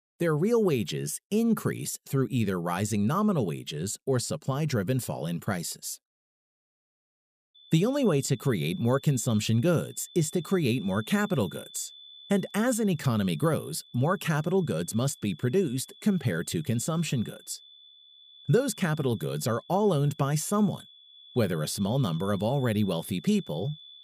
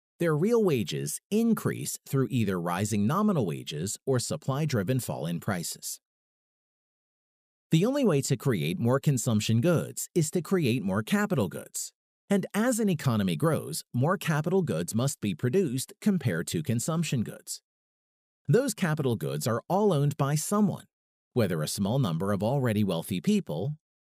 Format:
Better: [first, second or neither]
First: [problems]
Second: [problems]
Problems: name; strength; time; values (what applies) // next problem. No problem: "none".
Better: second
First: high-pitched whine; faint; from 7.5 s on; 3.5 kHz, 20 dB below the speech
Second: none